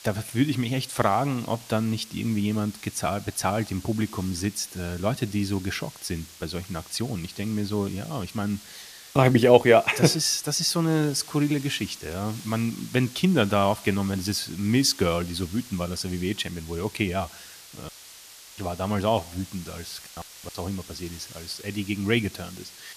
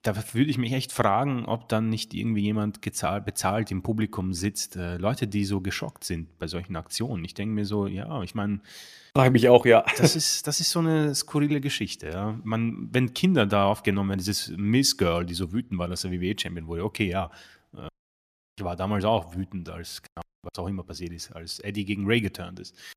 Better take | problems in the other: second | hiss; noticeable; throughout; 15 dB below the speech

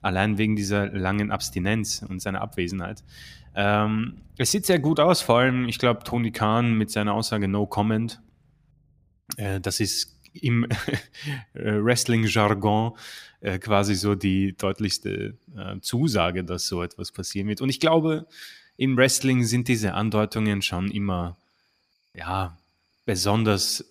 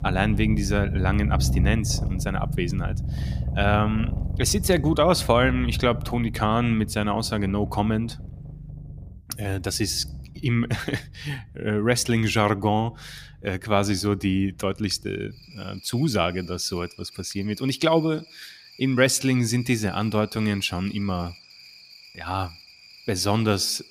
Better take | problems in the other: first | animal sounds; loud; throughout; 5 dB below the speech; faint in the first

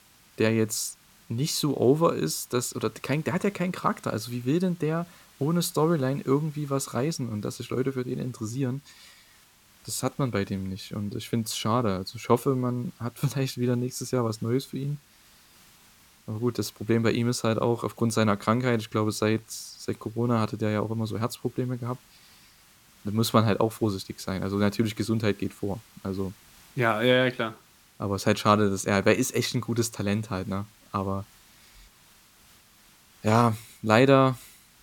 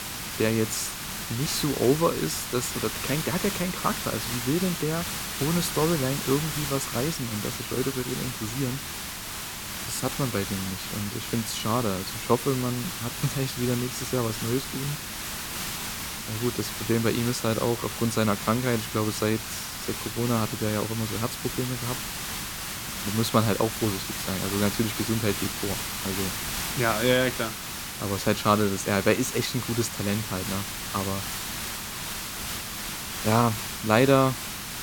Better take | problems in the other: first | hiss; loud; throughout; 4 dB below the speech; faint in the first

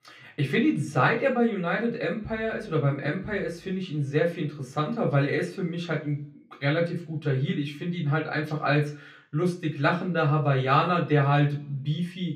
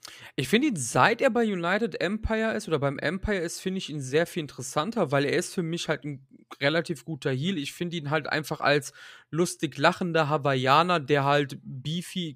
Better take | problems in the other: second | room echo; slight; dies away in 0.5 s // off-mic speech; far

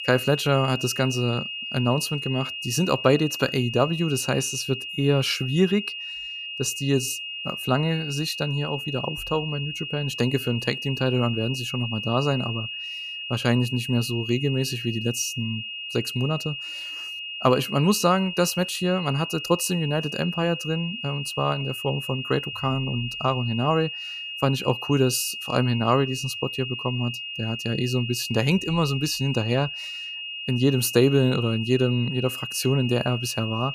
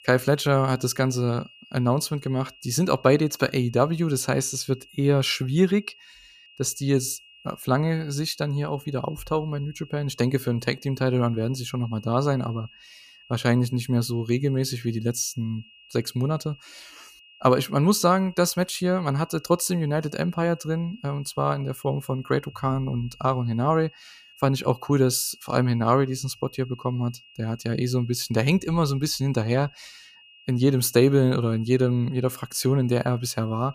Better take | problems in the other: second | high-pitched whine; loud; throughout; 3 kHz, 6 dB below the speech; faint in the second

